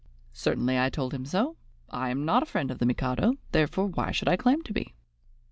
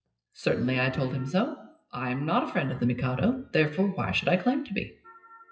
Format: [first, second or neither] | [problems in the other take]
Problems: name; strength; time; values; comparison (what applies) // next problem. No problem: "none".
first | noise reduction (classical method WPE with log-MMSE)